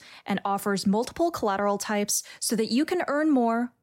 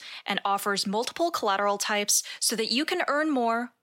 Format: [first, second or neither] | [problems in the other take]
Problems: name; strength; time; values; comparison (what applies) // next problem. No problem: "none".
first | thin; very slightly; fading below 550 Hz